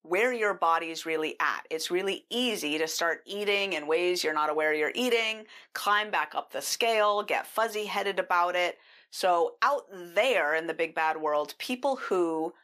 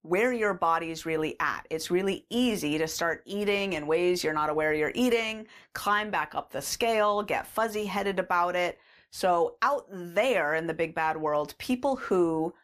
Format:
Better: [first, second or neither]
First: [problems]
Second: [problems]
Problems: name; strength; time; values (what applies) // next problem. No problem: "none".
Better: second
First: thin; very slightly; fading below 350 Hz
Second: none